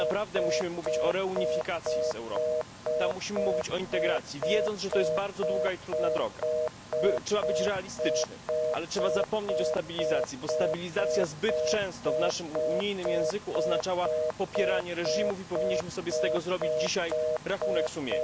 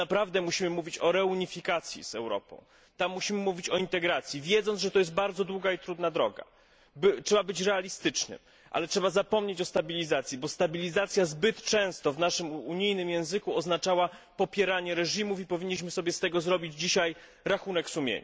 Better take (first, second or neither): second